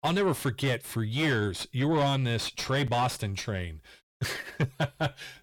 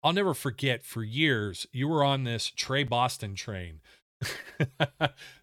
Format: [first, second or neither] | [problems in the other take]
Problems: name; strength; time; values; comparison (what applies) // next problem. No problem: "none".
second | distortion; heavy; 7 dB below the speech